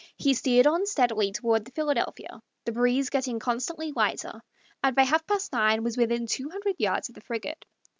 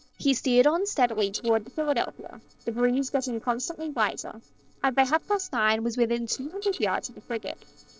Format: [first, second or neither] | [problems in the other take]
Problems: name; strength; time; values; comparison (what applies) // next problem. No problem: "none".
first | noise reduction (neural separator model SepFormer DNS4)